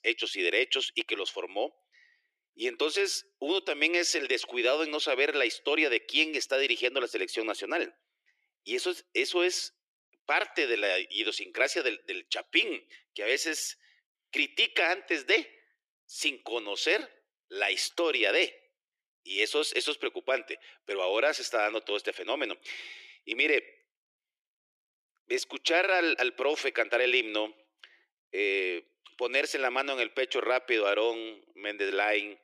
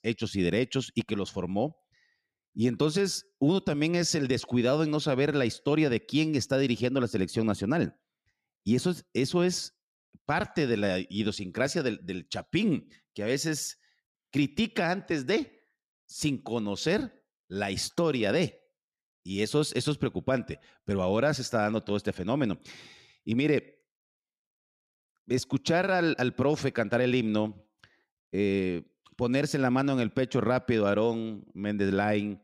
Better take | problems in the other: second | thin; very; fading below 350 Hz

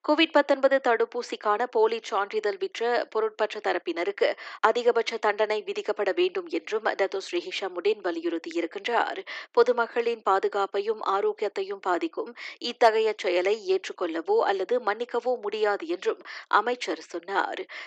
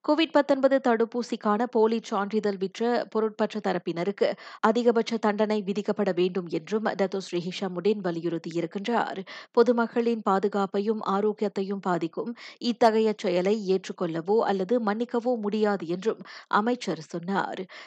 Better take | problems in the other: second | thin; somewhat; fading below 300 Hz

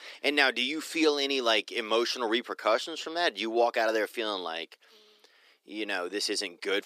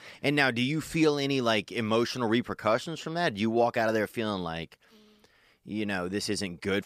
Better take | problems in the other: second | thin; somewhat; fading below 300 Hz

